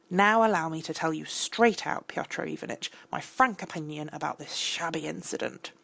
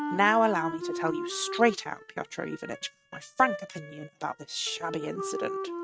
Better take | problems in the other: first | noise reduction (neural mask model RNNoise)

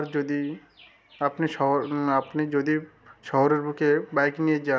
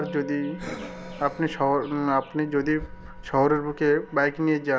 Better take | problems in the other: first | background sound (Breathing + Musical instrument); 15 dB below the speech

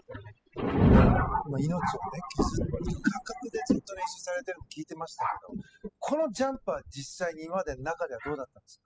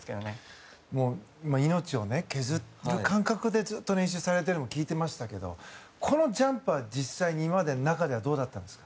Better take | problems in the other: second | noise reduction (classical method spectral subtraction)

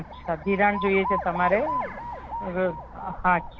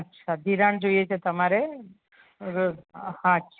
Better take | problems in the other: second | background sound (Alarm); 6 dB below the speech

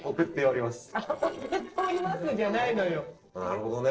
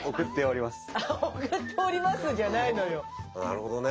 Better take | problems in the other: second | noise reduction (neural separator model SepFormer DNS4)

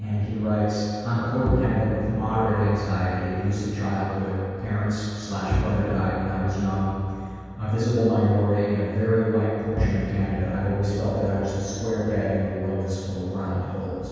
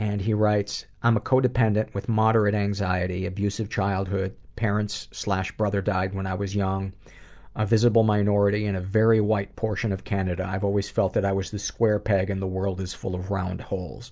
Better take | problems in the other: second | background sound (Bowed string instrument); 7 dB below the speech // room echo; dies away in 2.1 s

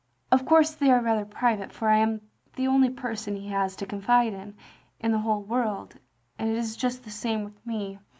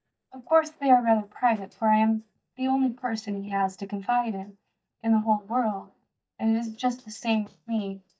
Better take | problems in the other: first | noise reduction (neural mask model DeepFilterNet 3)

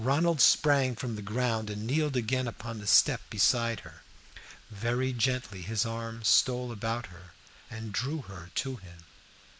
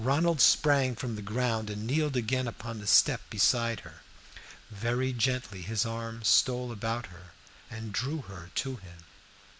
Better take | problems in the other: second | noise reduction (neural mask model Resemble Enhance denoiser)

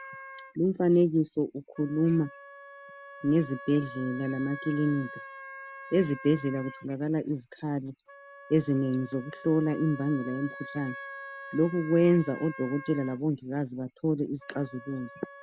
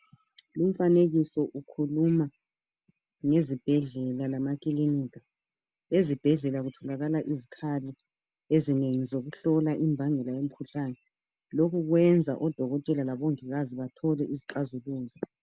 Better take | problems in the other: second | background sound (Wind instrument, woodwind instrument); 16 dB below the speech

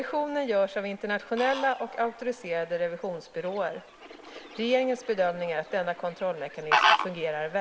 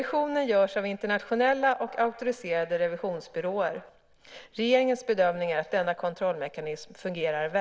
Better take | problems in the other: second | background sound (Fowl); 4 dB below the speech

